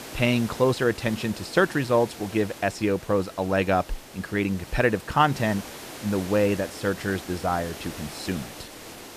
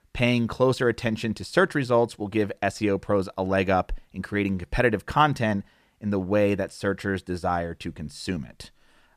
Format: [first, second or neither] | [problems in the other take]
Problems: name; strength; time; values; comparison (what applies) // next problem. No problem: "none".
second | hiss; noticeable; throughout; 15 dB below the speech